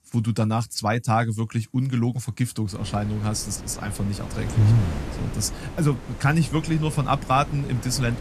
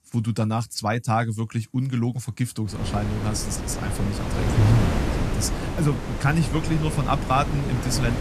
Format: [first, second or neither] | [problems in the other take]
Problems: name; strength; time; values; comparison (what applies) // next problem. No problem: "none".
first | wind noise on the microphone; heavy; from 2.5 s on; 4 dB below the speech; occasional gusts in the first